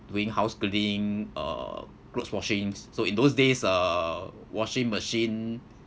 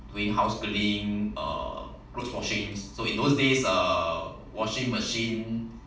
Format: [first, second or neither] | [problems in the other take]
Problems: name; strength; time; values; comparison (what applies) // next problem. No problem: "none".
first | room echo; dies away in 0.5 s